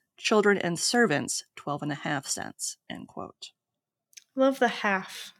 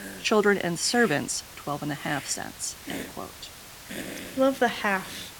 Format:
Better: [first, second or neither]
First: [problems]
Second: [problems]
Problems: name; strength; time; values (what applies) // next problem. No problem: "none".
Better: first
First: none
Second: hiss; noticeable; throughout; 15 dB below the speech